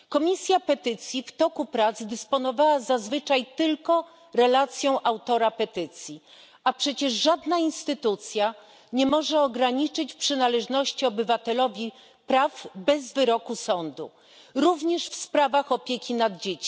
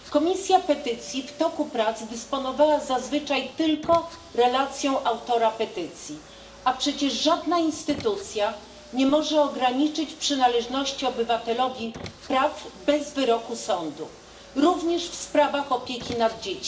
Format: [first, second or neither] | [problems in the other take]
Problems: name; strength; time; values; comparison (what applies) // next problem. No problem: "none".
first | background sound (Car); 20 dB below the speech // room echo; dies away in 0.5 s